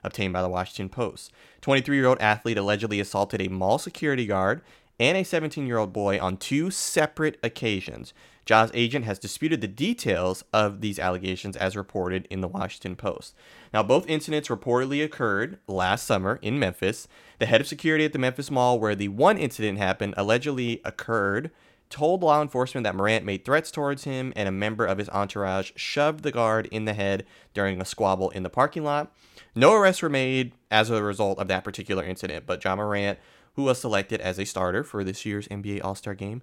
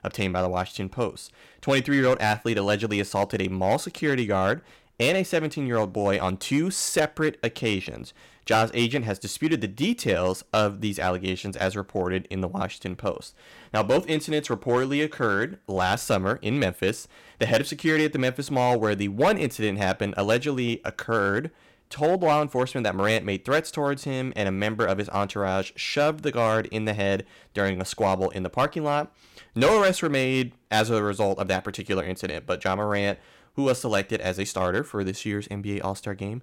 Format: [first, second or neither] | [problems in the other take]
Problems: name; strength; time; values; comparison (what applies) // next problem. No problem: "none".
first | distortion; slight; 3% of the sound clipped